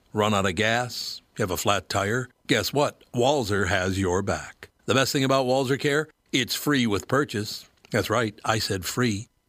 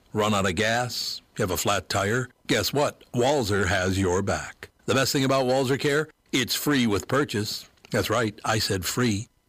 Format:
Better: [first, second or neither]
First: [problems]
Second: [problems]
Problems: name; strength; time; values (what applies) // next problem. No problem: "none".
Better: first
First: none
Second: distortion; slight; 10 dB below the speech